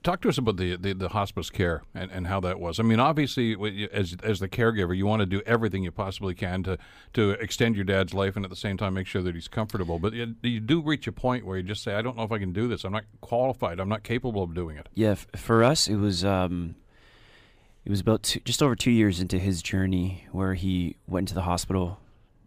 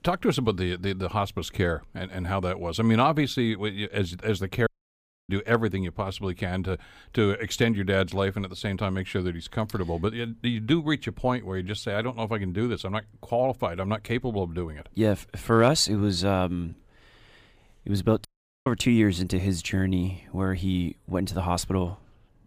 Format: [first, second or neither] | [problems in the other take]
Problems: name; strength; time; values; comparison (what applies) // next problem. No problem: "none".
first | audio cutting out; at 4.5 s for 0.5 s and at 18 s